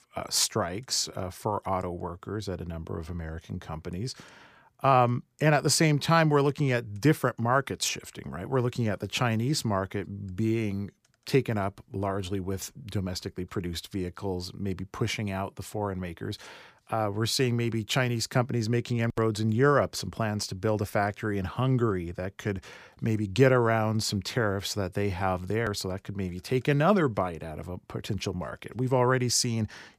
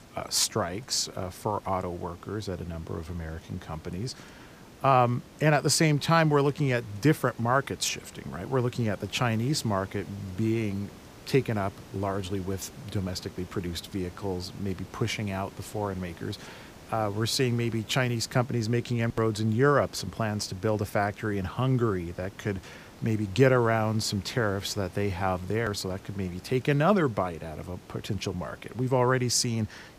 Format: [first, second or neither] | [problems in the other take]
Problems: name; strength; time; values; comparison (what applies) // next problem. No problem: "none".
first | hiss; faint; throughout; 20 dB below the speech